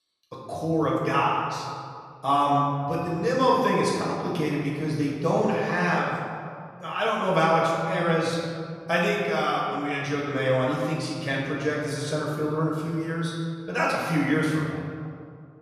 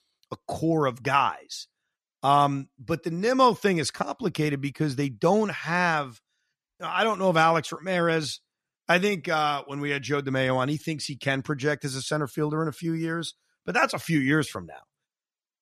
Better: second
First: room echo; noticeable; dies away in 2 s // off-mic speech; far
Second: none

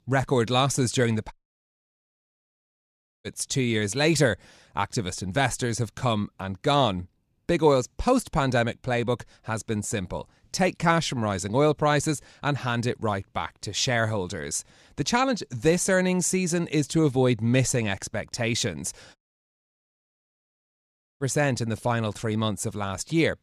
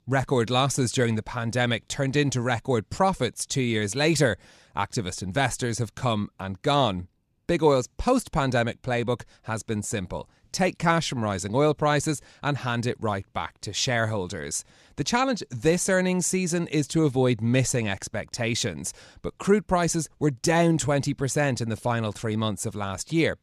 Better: second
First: audio cutting out; at 1.5 s for 2 s and at 19 s for 2 s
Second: none

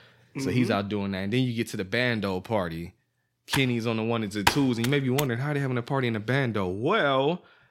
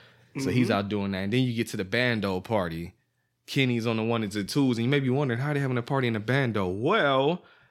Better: second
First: keyboard typing; loud; from 3.5 to 5 s; peak 1 dB above the speech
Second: none

